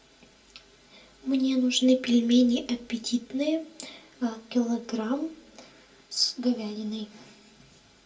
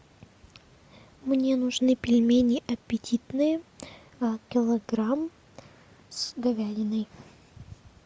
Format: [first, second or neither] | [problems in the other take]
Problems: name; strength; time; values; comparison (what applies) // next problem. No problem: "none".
second | room echo; dies away in 0.2 s